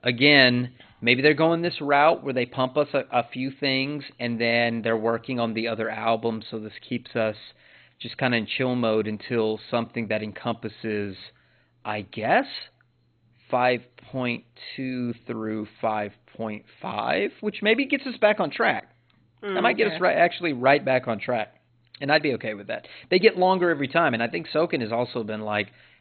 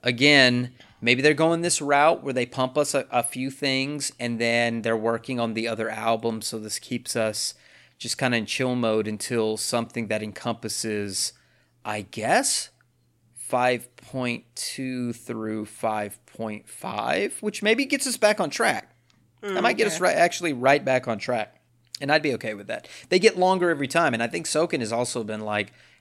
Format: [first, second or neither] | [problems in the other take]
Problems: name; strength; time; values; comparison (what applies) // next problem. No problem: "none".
second | garbled, watery; badly; nothing above 4 kHz